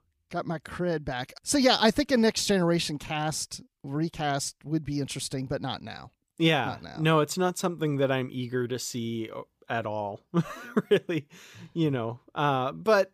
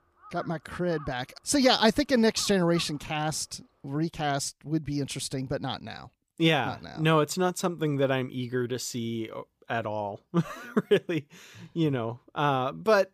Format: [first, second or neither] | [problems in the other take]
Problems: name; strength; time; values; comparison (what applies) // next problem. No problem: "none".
first | animal sounds; faint; until 4 s; 20 dB below the speech